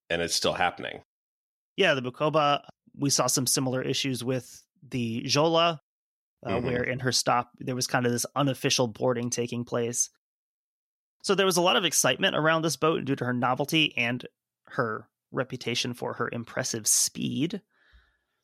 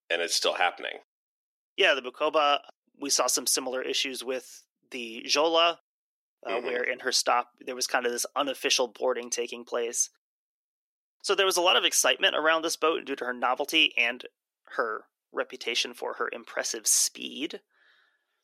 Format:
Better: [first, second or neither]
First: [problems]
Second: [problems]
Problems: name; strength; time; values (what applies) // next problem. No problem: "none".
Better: first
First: none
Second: thin; somewhat; fading below 350 Hz